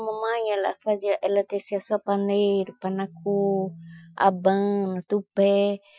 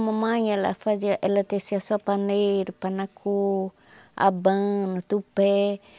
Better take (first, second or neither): second